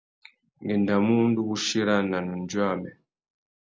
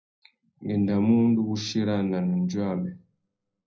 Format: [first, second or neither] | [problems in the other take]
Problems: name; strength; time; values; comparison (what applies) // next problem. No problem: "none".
first | room echo; dies away in 0.4 s